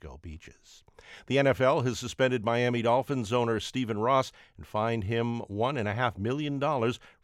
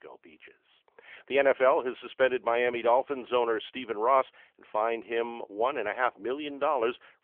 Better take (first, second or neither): first